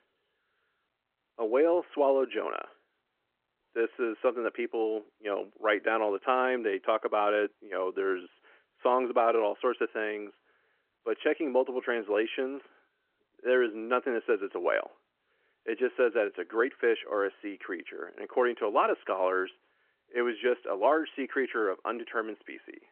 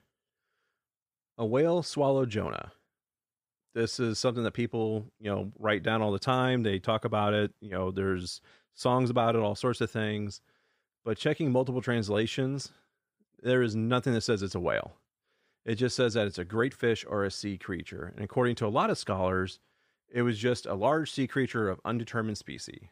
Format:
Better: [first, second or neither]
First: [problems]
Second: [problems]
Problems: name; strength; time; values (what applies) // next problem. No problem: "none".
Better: second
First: phone-call audio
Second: none